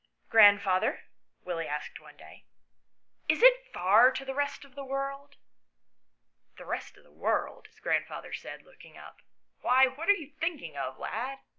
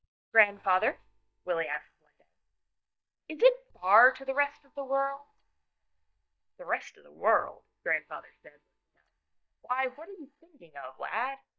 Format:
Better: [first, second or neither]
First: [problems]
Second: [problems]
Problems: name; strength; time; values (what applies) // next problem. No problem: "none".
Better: first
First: none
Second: noise reduction (neural mask model DeepFilterNet 3)